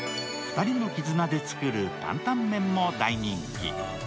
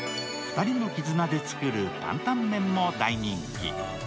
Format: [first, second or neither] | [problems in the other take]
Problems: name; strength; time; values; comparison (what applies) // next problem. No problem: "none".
first | background sound (Bowed string instrument); 16 dB below the speech